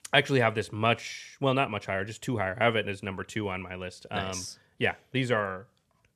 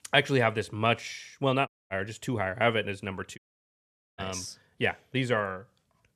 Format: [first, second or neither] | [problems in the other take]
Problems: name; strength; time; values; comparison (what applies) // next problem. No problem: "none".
first | audio cutting out; at 1.5 s and at 3.5 s for 1 s